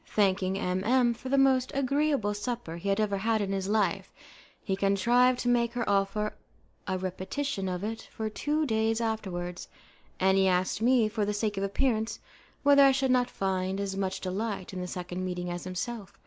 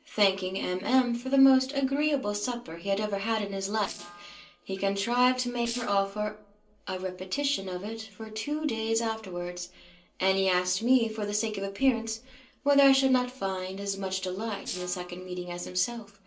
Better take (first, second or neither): first